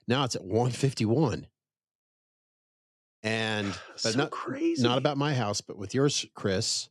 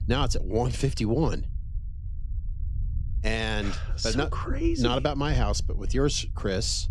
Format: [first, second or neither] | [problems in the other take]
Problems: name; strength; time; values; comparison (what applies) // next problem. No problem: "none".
first | low rumble; faint; throughout; 25 dB below the speech